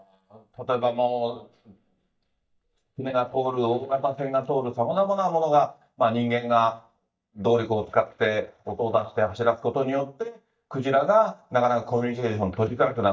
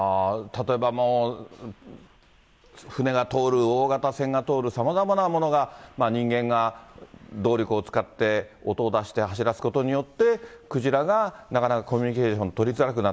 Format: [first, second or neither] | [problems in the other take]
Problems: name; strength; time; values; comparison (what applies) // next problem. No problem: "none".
second | noise reduction (neural mask model DeepFilterNet 3)